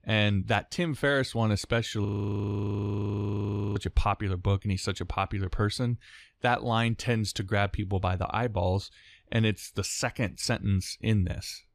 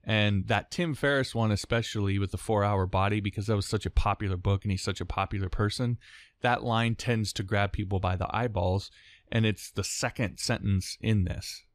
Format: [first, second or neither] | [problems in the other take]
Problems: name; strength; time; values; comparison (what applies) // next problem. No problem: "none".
second | audio freezing; at 2 s for 1.5 s